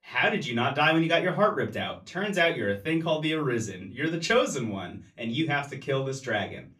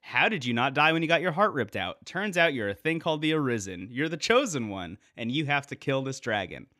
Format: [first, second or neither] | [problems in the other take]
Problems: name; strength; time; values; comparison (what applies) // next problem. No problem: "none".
second | off-mic speech; far // room echo; very slight; dies away in 0.2 s